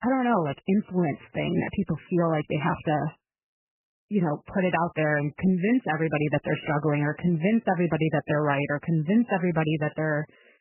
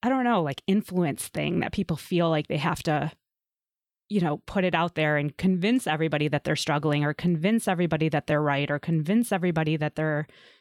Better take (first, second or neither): second